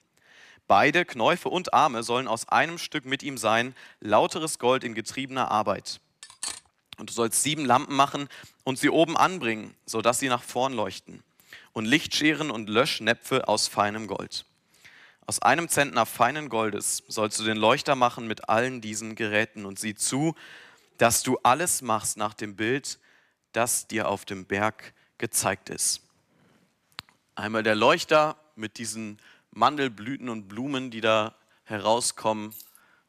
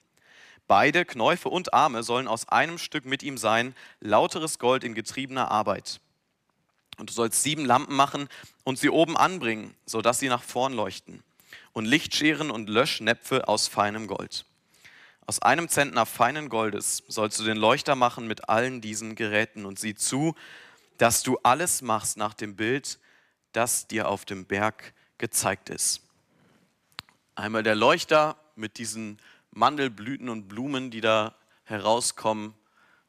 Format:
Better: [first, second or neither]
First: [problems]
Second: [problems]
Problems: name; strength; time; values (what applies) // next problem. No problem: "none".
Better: second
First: clattering dishes; noticeable; at 6 s; peak 9 dB below the speech // jangling keys; faint; at 33 s; peak 20 dB below the speech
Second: none